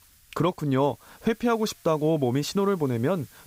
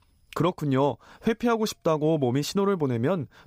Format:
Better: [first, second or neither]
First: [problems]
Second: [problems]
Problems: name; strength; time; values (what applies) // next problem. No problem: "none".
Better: second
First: hiss; faint; throughout; 25 dB below the speech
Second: none